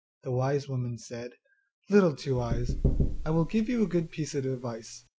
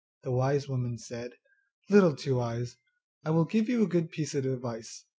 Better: second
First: background sound (Knock / Wood); 2 dB below the speech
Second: none

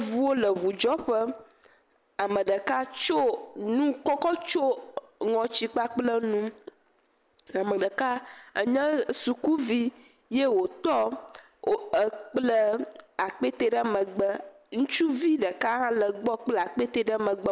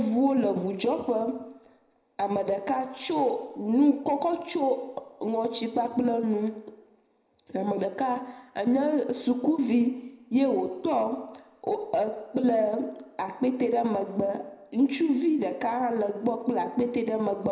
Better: first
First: none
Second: room echo; dies away in 0.7 s

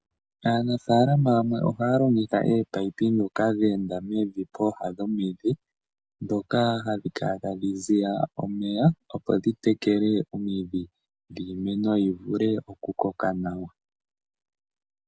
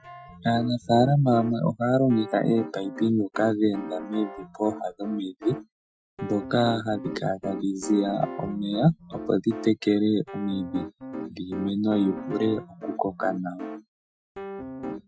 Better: first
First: none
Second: noise reduction (classical method Wiener filter)

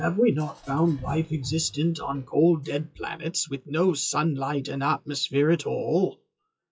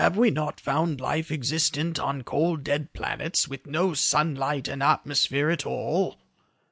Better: second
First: noise reduction (classical method WPE with log-MMSE)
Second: none

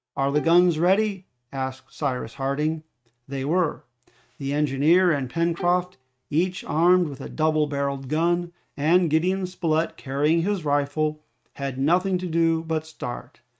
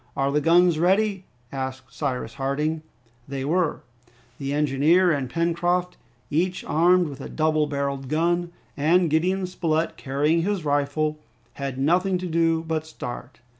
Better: second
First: noise reduction (neural mask model RNNoise)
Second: none

